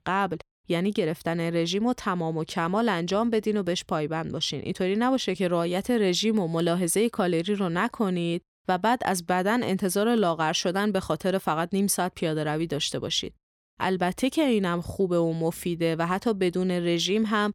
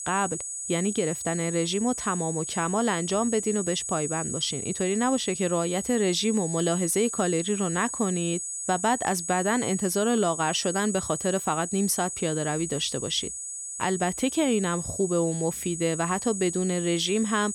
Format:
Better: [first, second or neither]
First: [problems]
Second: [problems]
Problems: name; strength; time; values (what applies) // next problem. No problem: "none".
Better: first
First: none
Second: high-pitched whine; loud; throughout; 8 kHz, 5 dB below the speech